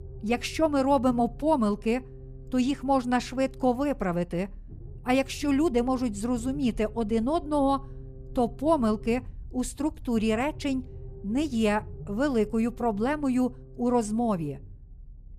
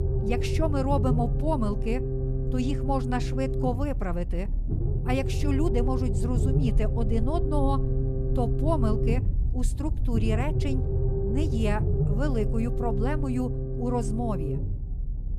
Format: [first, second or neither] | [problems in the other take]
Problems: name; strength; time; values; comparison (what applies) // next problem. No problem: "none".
first | low rumble; loud; throughout; 5 dB below the speech; faint in the first